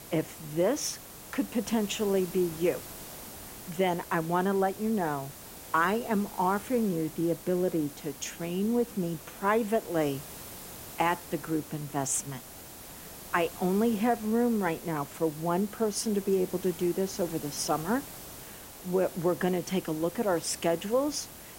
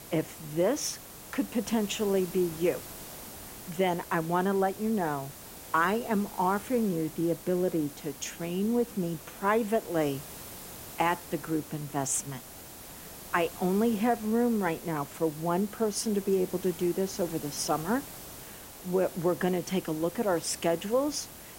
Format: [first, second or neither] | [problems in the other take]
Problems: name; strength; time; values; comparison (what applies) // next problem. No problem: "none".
neither | hiss; noticeable; throughout; 15 dB below the speech; the same in both